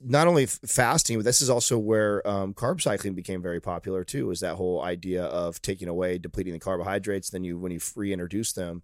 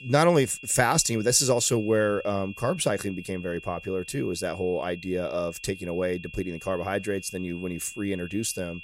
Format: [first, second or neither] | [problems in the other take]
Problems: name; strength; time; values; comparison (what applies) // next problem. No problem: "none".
first | high-pitched whine; noticeable; throughout; 2.5 kHz, 15 dB below the speech